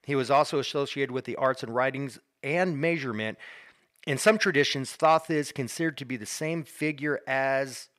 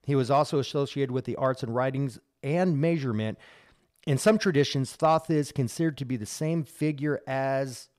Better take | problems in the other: second | thin; very slightly; fading below 750 Hz

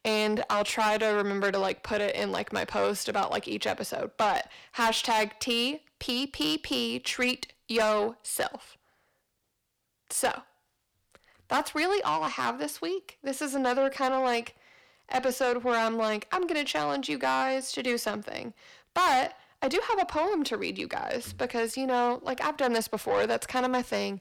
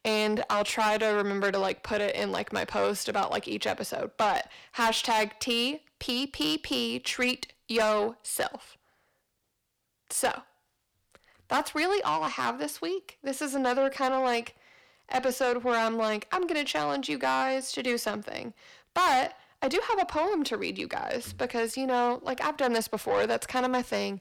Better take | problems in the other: neither | distortion; heavy; 7 dB below the speech; the same in both

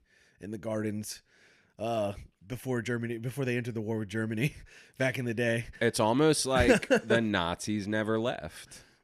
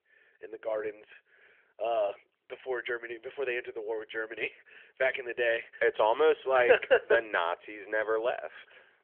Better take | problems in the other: first | phone-call audio; nothing above 3.5 kHz

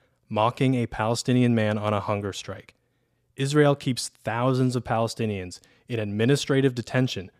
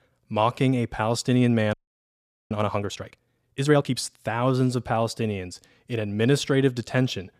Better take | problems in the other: first | audio freezing; at 1.5 s for 1 s

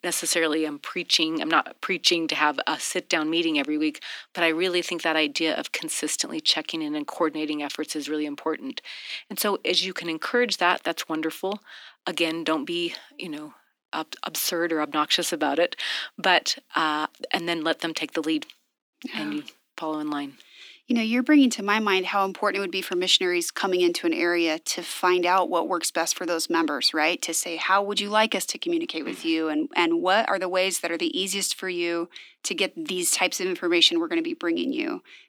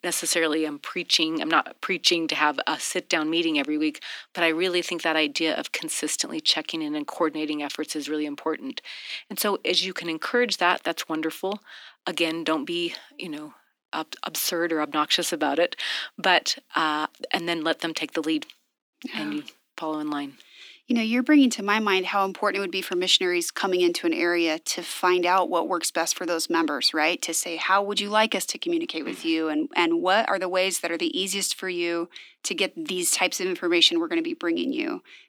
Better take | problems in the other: neither | thin; somewhat; fading below 250 Hz; the same in both

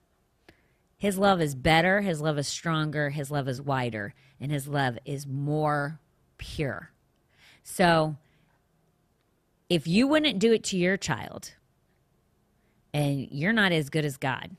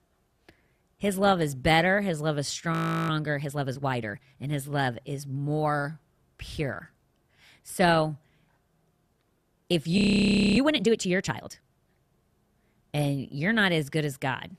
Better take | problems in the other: first | audio freezing; at 2.5 s and at 10 s for 0.5 s

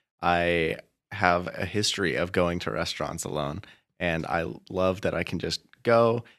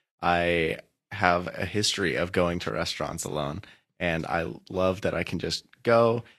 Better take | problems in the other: first | garbled, watery; slightly; nothing above 13.5 kHz

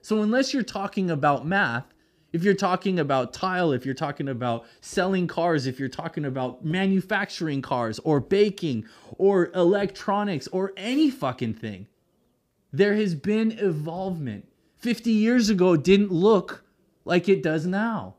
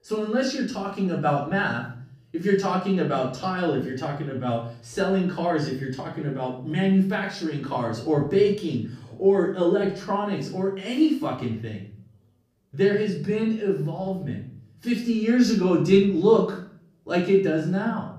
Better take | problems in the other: first | off-mic speech; far // room echo; slight; dies away in 0.5 s

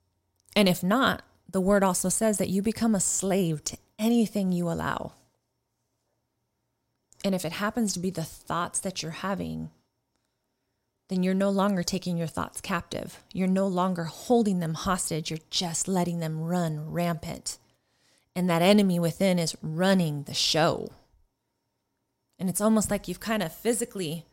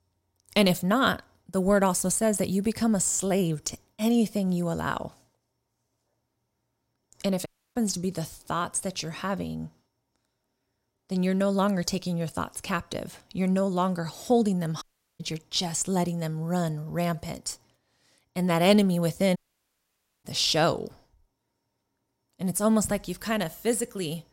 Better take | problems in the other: first | audio cutting out; at 7.5 s, at 15 s and at 19 s for 1 s

